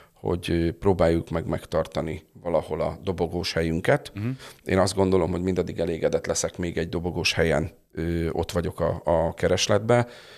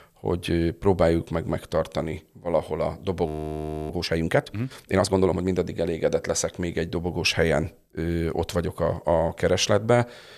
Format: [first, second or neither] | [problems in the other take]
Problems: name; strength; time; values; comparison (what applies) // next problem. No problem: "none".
first | audio freezing; at 3.5 s for 0.5 s